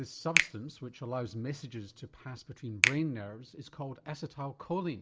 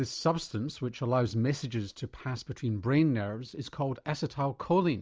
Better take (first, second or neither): second